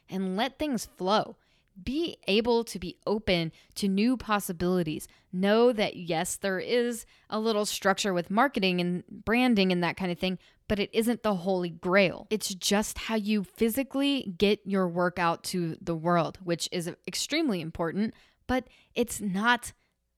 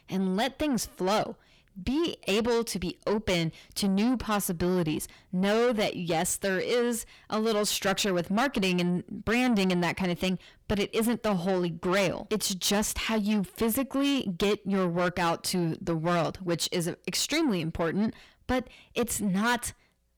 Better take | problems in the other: first | distortion; heavy; 8 dB below the speech

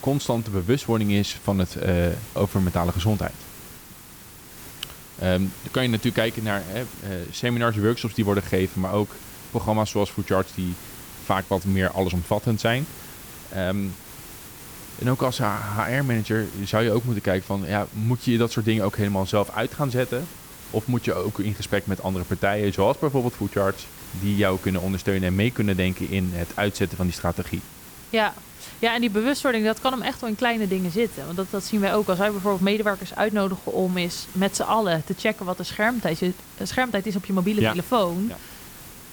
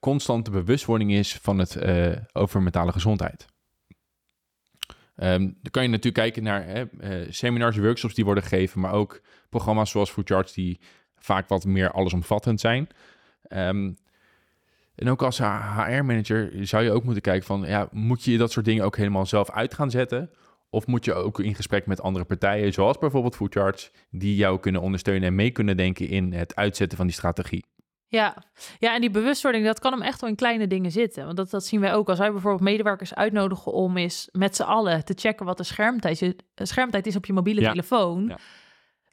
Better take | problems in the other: second | hiss; noticeable; throughout; 15 dB below the speech

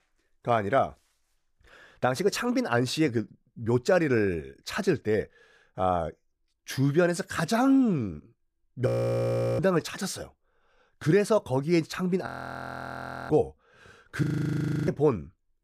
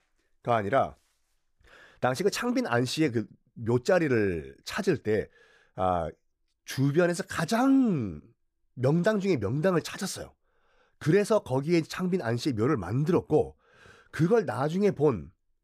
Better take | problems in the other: second | audio freezing; at 9 s for 0.5 s, at 12 s for 1 s and at 14 s for 0.5 s

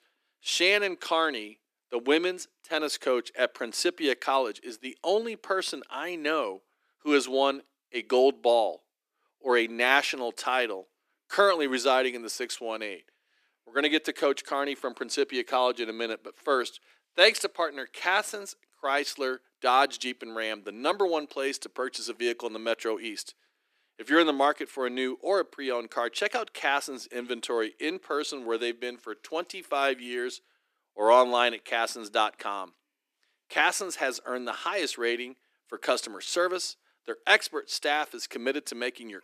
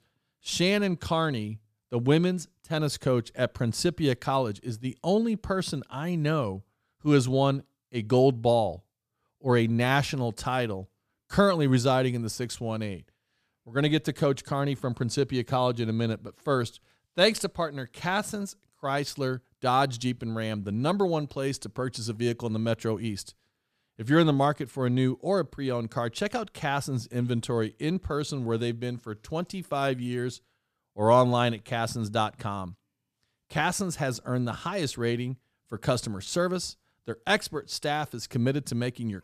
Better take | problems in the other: second | thin; somewhat; fading below 300 Hz

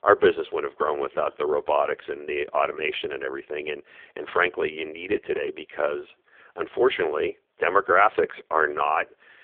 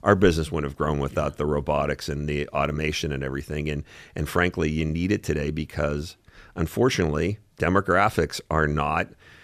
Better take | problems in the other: second | phone-call audio; poor line

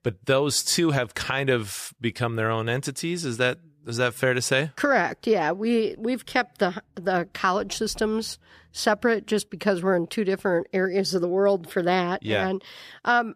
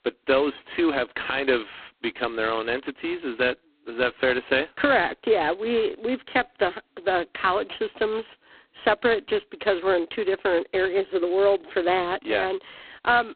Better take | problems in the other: first | phone-call audio; poor line; nothing above 4 kHz

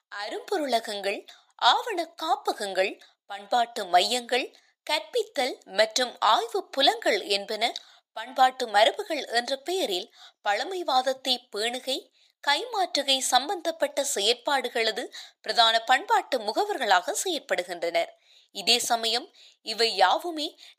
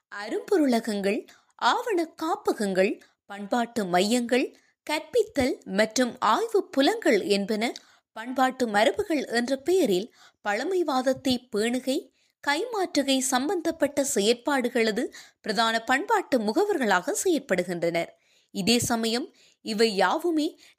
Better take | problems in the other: second | thin; very; fading below 500 Hz

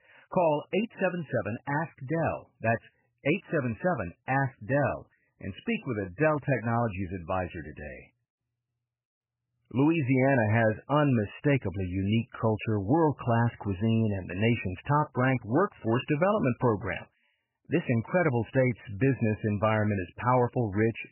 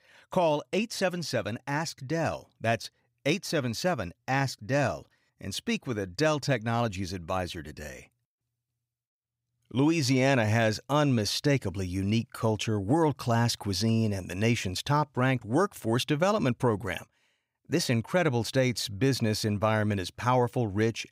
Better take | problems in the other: second | garbled, watery; badly; nothing above 3 kHz

